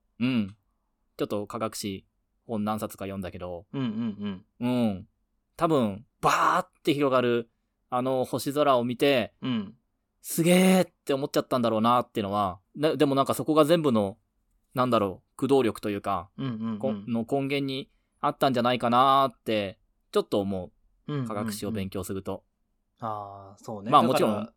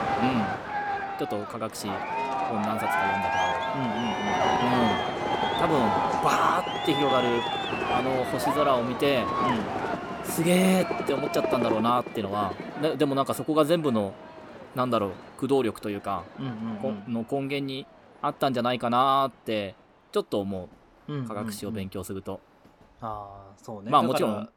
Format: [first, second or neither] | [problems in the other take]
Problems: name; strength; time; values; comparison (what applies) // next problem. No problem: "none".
first | train or aircraft noise; loud; throughout; 1 dB below the speech